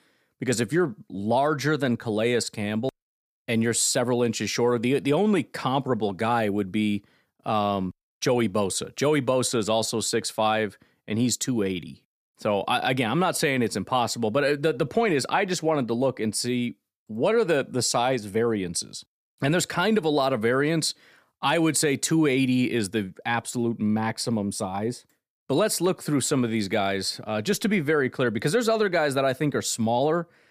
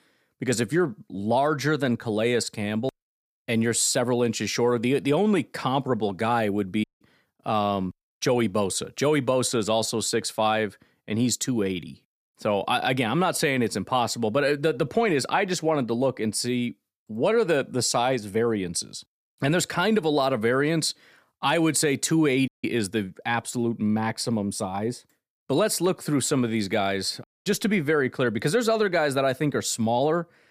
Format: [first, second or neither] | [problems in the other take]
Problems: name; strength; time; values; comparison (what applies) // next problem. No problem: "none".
first | audio cutting out; at 7 s, at 22 s and at 27 s